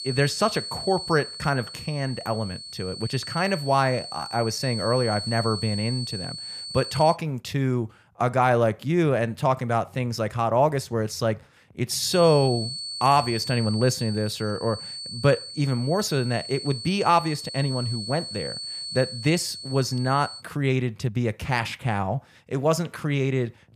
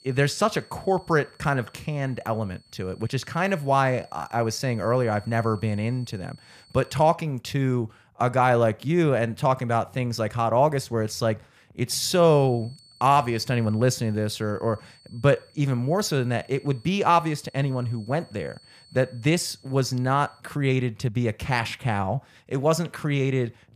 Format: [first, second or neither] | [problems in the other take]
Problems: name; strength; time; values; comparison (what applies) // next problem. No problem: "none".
second | high-pitched whine; loud; until 7 s and from 12 to 20 s; 4.5 kHz, 8 dB below the speech; faint in the second